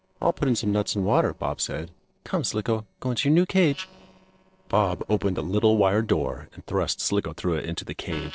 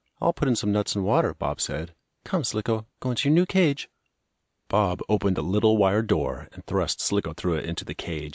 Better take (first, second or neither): second